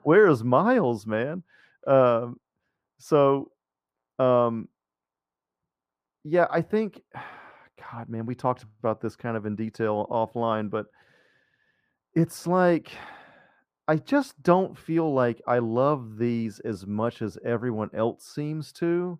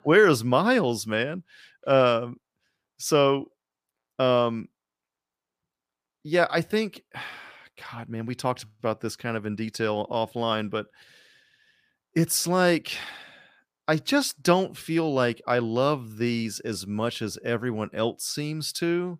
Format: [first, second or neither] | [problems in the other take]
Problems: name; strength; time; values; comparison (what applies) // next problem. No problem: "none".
second | muffled; very; fading above 2 kHz